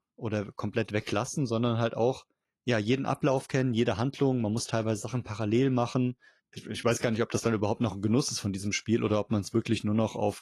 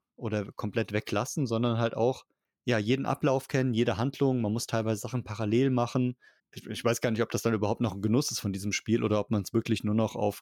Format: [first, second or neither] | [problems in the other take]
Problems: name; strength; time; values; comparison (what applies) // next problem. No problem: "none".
second | garbled, watery; slightly; nothing above 11 kHz